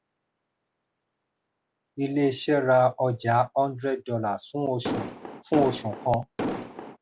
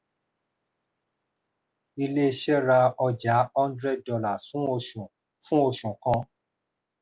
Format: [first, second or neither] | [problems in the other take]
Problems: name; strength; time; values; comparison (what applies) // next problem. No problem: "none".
second | background sound (Explosion); 5 dB below the speech